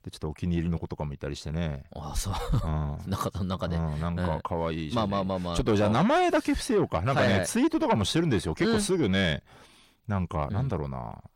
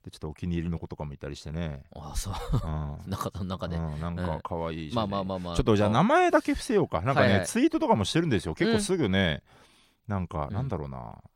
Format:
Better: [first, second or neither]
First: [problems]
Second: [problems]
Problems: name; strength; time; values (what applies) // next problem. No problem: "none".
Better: second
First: distortion; slight; 10 dB below the speech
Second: none